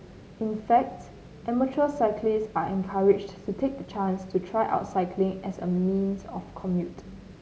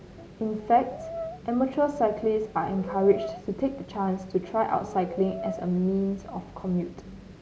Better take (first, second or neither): first